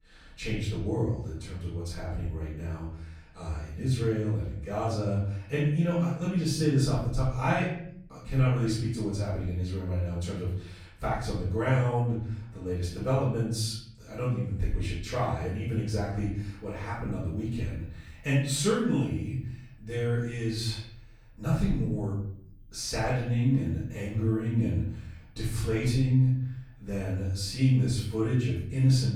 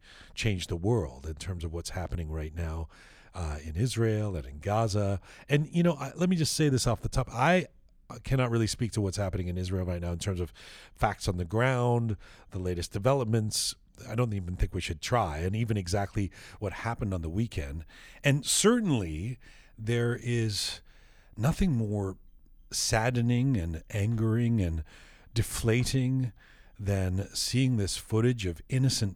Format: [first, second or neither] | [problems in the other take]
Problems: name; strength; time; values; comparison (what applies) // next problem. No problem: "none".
second | off-mic speech; far // room echo; noticeable; dies away in 0.7 s